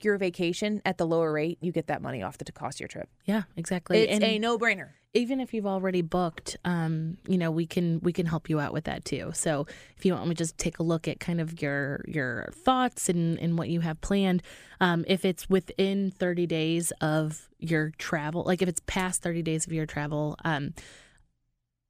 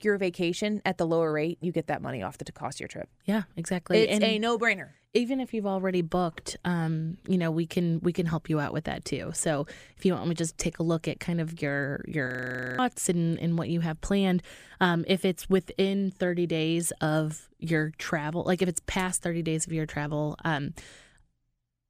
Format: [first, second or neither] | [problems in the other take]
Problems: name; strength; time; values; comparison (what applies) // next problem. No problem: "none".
first | audio freezing; at 12 s for 0.5 s